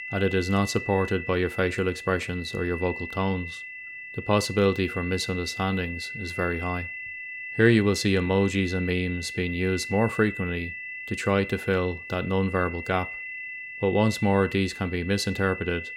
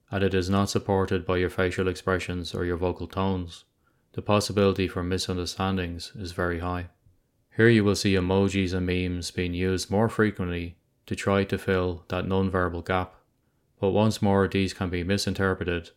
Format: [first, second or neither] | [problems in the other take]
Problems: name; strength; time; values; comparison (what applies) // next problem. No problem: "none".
second | high-pitched whine; loud; throughout; 2 kHz, 9 dB below the speech